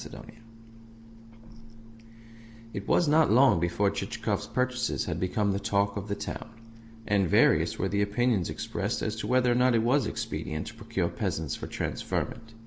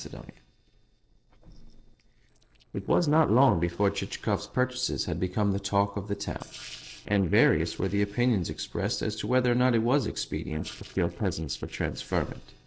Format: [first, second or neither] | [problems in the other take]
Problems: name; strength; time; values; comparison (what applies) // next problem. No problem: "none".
first | noise reduction (neural separator model SepFormer DNS4)